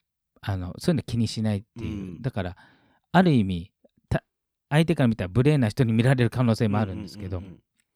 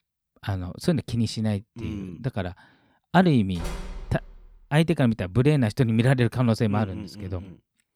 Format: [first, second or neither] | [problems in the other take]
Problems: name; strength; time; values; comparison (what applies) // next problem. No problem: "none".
first | door banging; faint; at 3.5 s; peak 10 dB below the speech